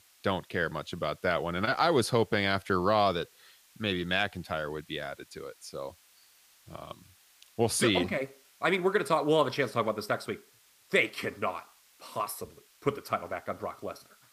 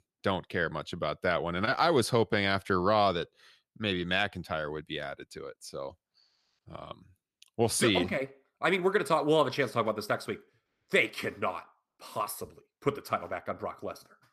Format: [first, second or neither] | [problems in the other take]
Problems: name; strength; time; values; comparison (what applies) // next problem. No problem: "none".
second | hiss; faint; throughout; 30 dB below the speech